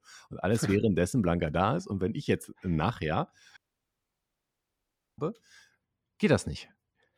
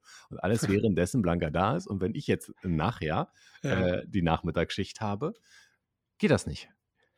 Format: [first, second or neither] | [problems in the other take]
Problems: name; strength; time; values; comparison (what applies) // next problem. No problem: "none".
second | audio cutting out; at 3.5 s for 1.5 s